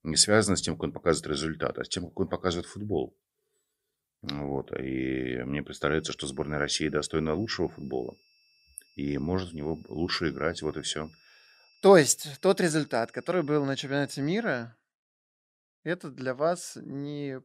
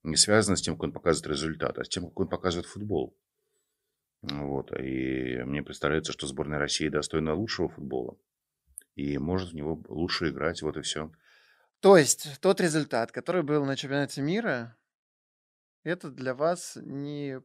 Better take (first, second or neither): second